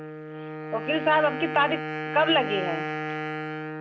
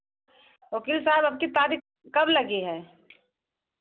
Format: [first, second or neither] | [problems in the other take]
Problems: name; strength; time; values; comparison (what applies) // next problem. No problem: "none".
second | background sound (Wind instrument, woodwind instrument); 5 dB below the speech